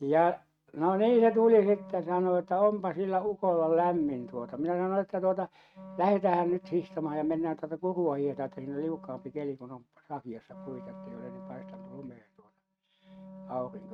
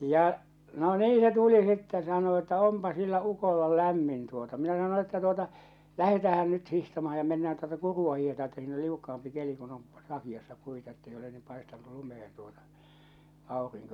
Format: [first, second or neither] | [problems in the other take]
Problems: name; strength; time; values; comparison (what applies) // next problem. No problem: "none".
second | noise reduction (neural mask model RNNoise)